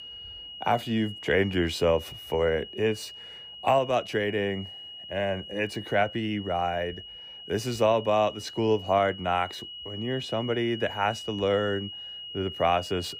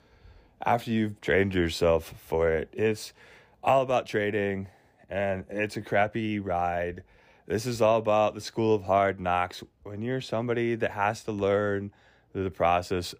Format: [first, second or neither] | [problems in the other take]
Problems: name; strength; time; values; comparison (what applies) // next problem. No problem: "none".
second | high-pitched whine; noticeable; throughout; 3 kHz, 10 dB below the speech